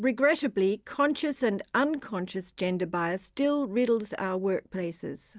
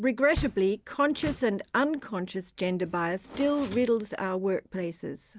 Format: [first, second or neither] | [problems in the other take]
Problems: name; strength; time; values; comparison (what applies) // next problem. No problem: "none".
first | background sound (Door); 16 dB below the speech